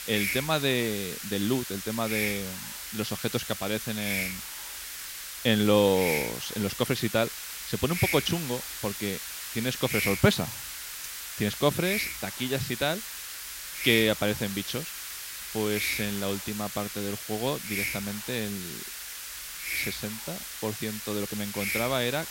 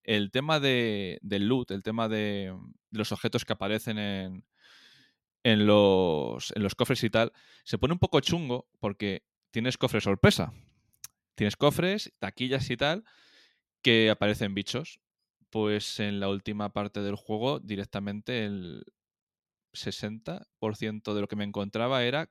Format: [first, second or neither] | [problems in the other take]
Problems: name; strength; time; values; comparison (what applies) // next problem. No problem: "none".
second | hiss; loud; throughout; 4 dB below the speech